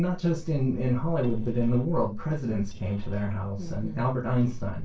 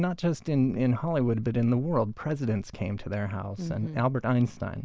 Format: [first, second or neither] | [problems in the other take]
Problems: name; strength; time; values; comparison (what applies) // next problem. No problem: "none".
second | noise reduction (neural separator model SepFormer DNS4)